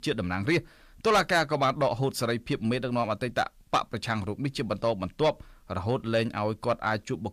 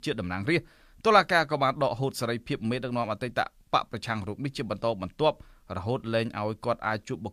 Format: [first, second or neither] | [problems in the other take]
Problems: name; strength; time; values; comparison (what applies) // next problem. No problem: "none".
second | distortion; slight; 10 dB below the speech